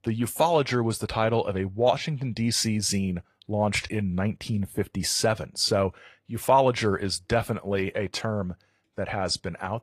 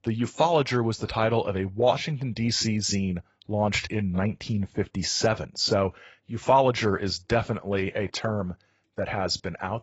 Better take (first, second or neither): first